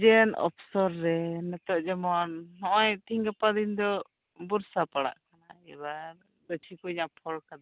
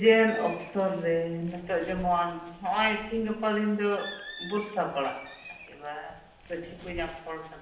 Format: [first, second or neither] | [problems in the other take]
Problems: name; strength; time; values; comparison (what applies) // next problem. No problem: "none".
first | background sound (Bird); 18 dB below the speech // room echo; dies away in 0.8 s